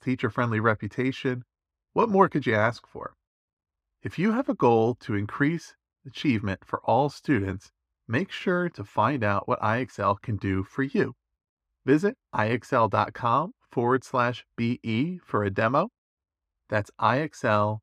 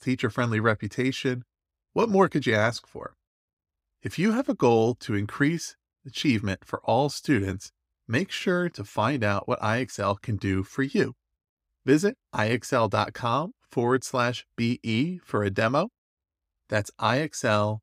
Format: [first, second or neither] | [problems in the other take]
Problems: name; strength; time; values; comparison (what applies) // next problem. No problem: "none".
second | muffled; slightly; fading above 4 kHz